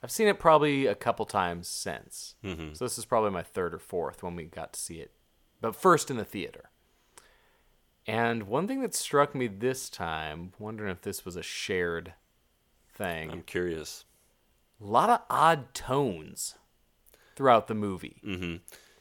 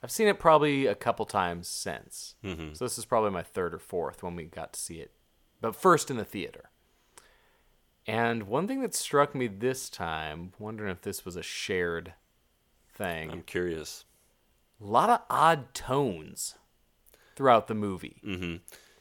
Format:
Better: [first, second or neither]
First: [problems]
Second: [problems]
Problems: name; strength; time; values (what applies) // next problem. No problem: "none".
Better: neither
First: none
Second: none